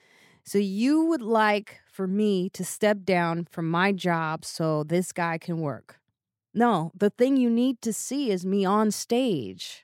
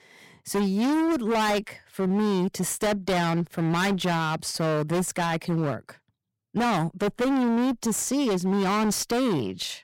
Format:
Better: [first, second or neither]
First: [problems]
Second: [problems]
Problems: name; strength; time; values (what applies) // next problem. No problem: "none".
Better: first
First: none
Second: distortion; heavy; 34% of the sound clipped